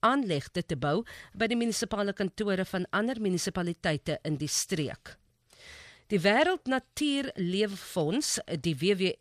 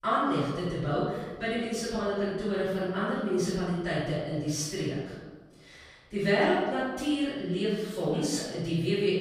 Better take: first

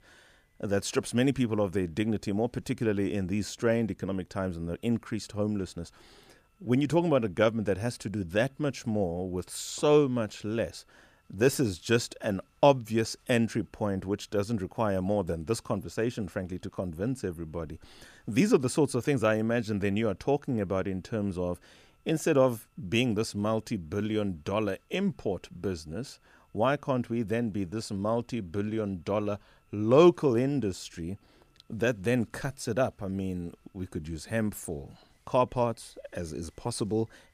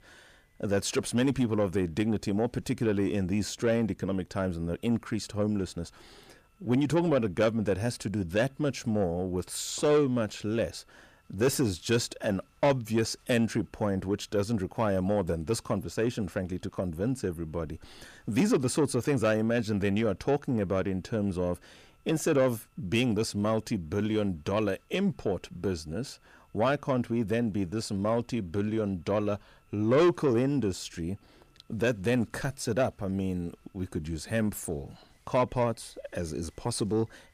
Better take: first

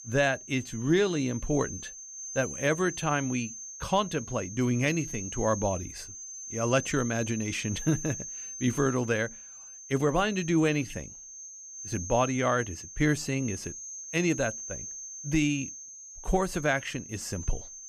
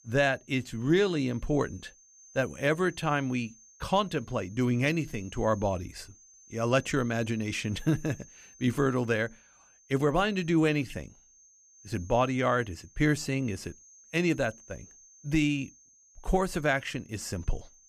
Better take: second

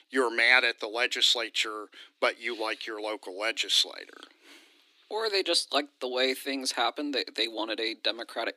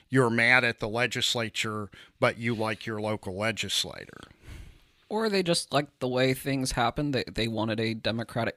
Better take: second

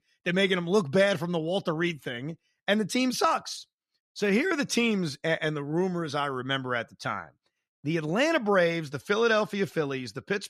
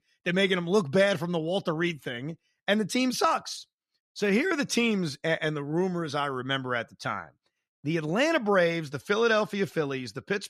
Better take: neither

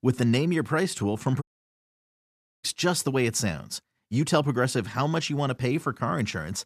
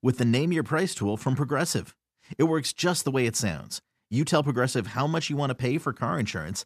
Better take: second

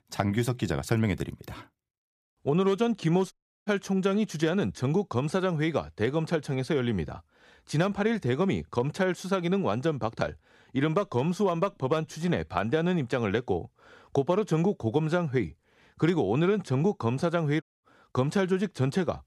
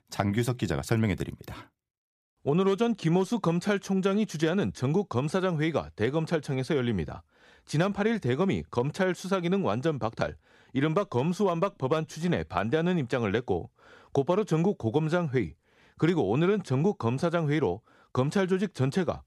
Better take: second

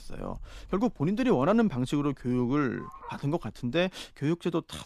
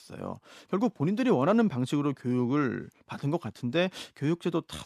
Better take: second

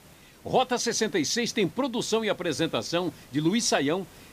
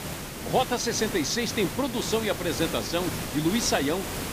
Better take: first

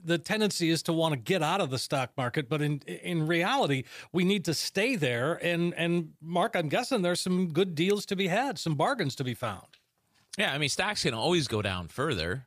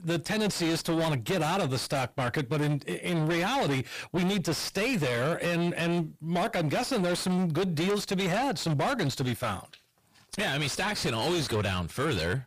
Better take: first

